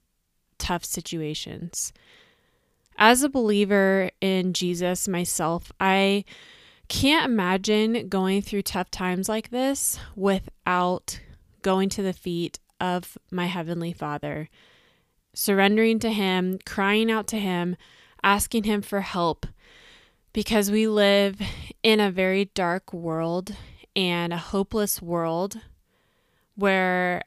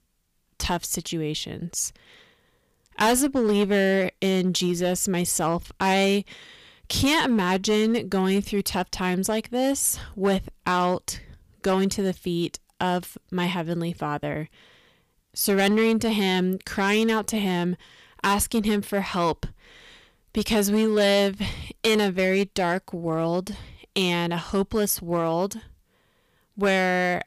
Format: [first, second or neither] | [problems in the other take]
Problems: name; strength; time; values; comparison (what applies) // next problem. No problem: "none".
first | distortion; slight; 5% of the sound clipped